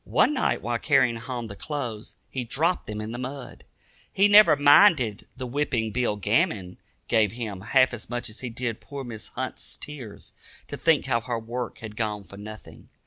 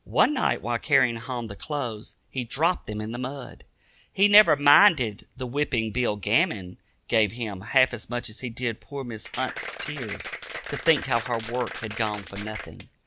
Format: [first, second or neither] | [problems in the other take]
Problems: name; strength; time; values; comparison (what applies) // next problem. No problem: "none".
first | background sound (Applause); 10 dB below the speech